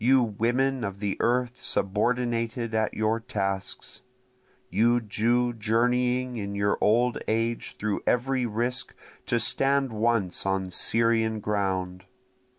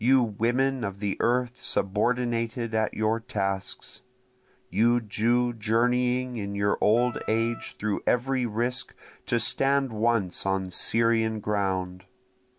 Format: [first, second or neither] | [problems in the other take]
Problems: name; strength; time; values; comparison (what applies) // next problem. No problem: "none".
first | background sound (Wind instrument, woodwind instrument); 18 dB below the speech